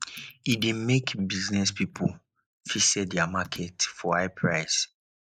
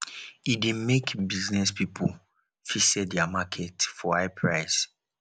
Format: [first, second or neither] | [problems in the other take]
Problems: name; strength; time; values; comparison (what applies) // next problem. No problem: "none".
second | noise reduction (neural mask model Resemble Enhance denoiser)